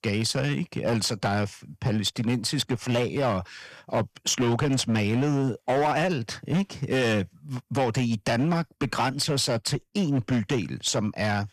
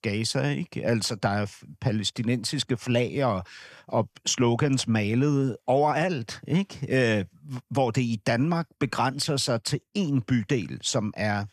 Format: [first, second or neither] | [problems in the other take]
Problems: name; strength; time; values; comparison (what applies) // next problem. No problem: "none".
second | distortion; slight; 10% of the sound clipped